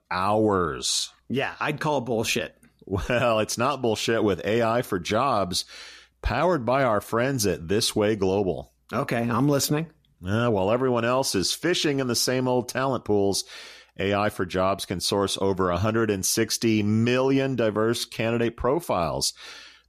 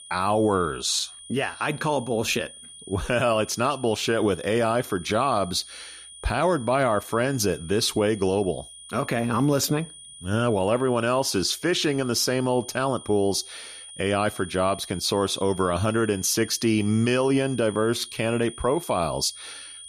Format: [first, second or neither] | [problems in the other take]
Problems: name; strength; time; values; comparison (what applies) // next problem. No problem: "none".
first | high-pitched whine; noticeable; throughout; 3.5 kHz, 15 dB below the speech